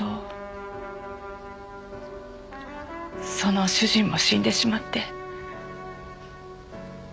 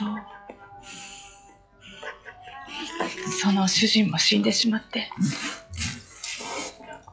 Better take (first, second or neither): first